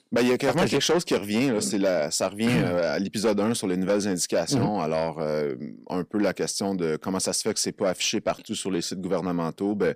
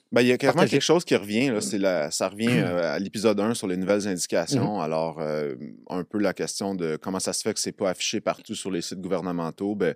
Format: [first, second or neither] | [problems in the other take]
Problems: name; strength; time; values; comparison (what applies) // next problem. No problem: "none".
second | distortion; slight; 10 dB below the speech